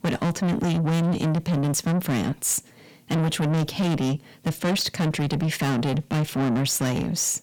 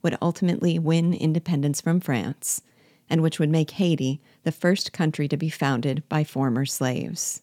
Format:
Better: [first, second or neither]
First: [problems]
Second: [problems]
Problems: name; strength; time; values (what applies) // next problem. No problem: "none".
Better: second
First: distortion; heavy; 6 dB below the speech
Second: none